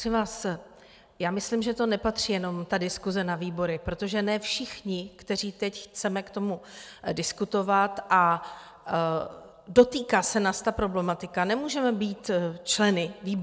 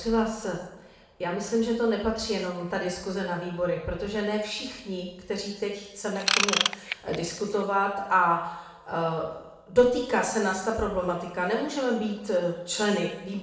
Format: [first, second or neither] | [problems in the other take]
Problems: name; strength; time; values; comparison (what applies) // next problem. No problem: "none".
first | background sound (Ratchet, pawl / Tools); 1 dB below the speech // room echo; dies away in 0.8 s